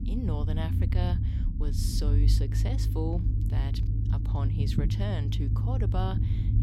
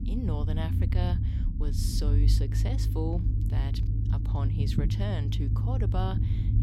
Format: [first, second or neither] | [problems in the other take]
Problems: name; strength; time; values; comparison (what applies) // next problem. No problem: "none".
neither | low rumble; loud; throughout; 3 dB below the speech; the same in both